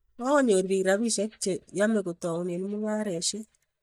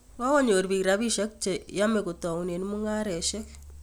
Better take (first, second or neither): second